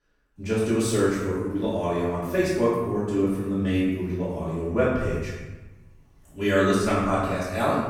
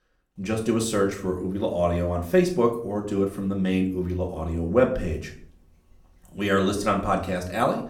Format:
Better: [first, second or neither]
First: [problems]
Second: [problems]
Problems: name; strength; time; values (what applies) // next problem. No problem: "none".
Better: second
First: room echo; strong; dies away in 0.9 s // off-mic speech; far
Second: room echo; slight; dies away in 0.4 s // off-mic speech; somewhat distant